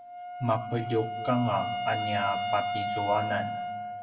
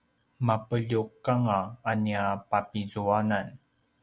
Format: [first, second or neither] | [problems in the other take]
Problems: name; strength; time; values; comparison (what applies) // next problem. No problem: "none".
second | background sound (Wind instrument, woodwind instrument); 2 dB below the speech // room echo; dies away in 1.4 s